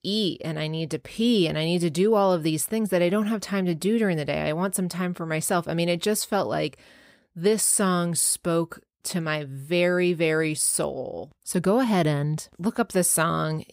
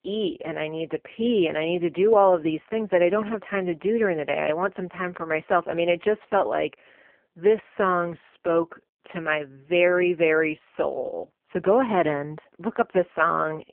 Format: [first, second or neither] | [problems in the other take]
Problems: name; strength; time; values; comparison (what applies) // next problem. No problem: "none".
first | phone-call audio; poor line; nothing above 3 kHz